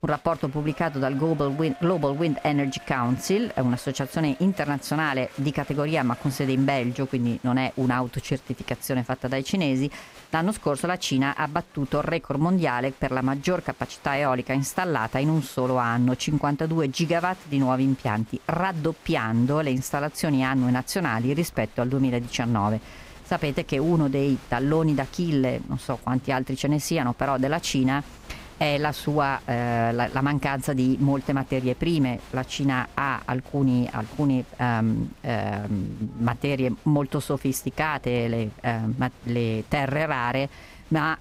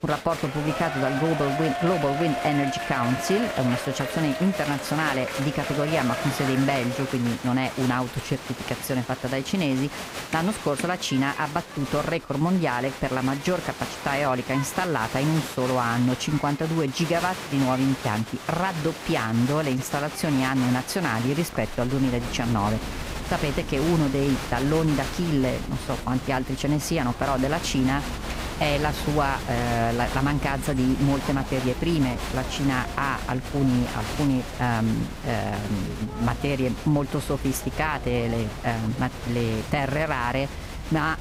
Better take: first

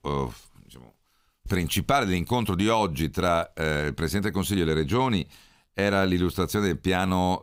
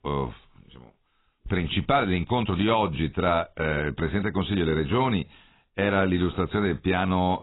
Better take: first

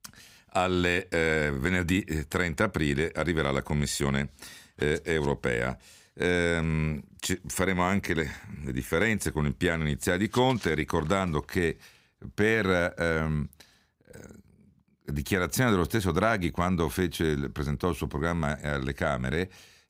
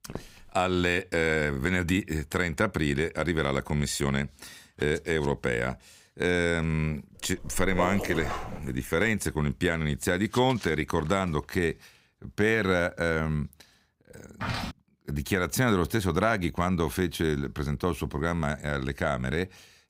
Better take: first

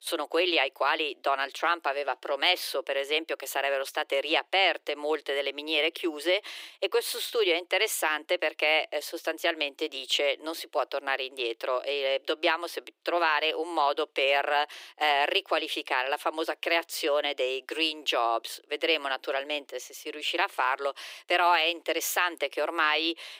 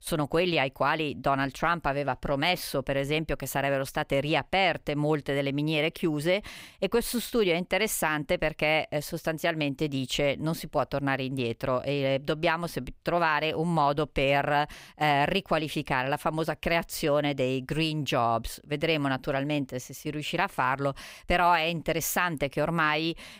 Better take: second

